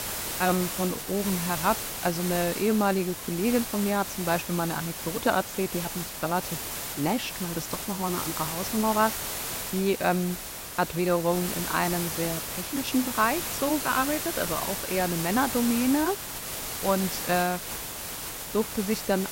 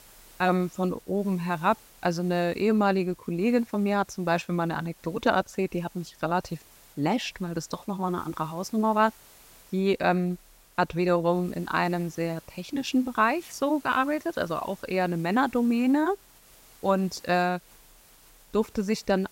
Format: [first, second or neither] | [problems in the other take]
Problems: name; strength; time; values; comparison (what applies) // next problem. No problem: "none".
second | hiss; loud; throughout; 4 dB below the speech; faint in the second